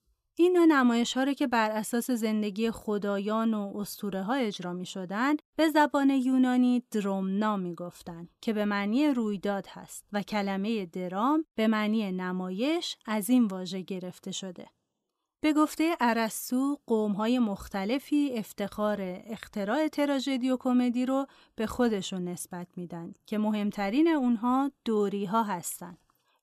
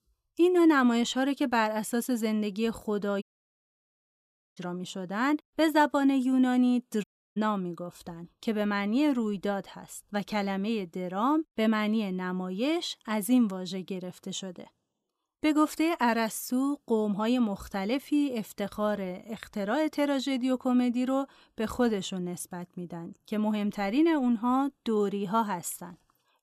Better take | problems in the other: first | audio cutting out; at 3 s for 1.5 s and at 7 s

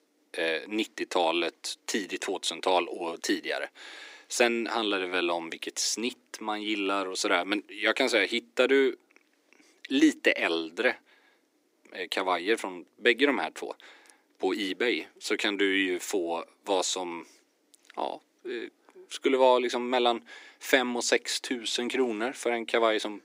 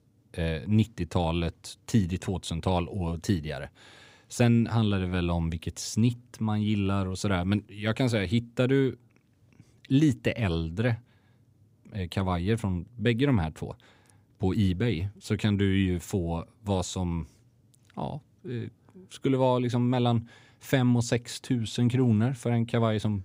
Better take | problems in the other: second | thin; very; fading below 300 Hz

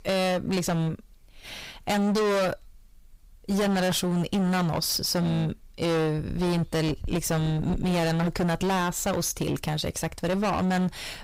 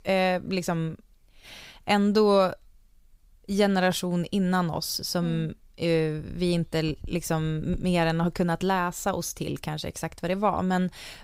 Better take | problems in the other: second | distortion; heavy; 25% of the sound clipped

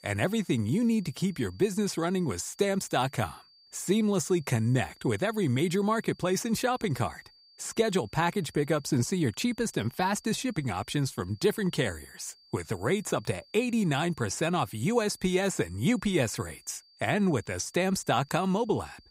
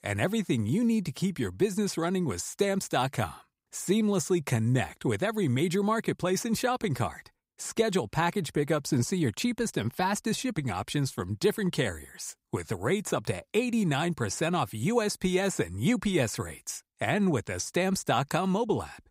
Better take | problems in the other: second | high-pitched whine; faint; throughout; 4.5 kHz, 30 dB below the speech

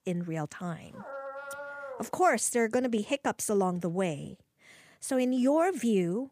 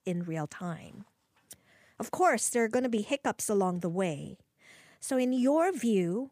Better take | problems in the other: second | dog barking; faint; from 1 to 2 s; peak 10 dB below the speech

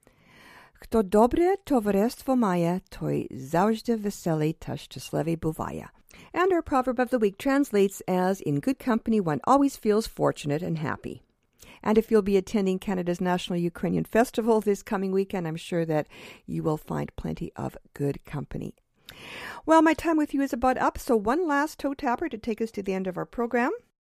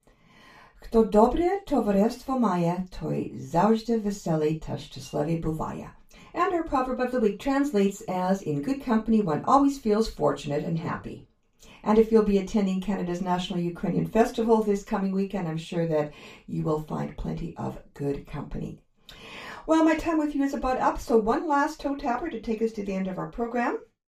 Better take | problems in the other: first | room echo; slight; dies away in 0.2 s // off-mic speech; far

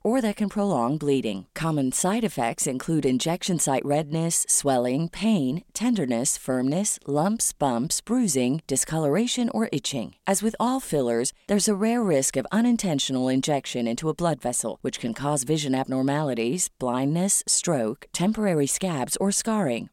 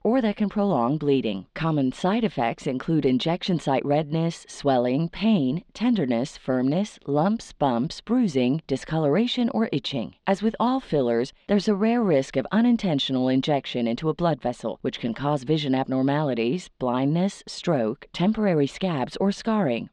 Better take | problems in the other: first | muffled; slightly; fading above 4 kHz

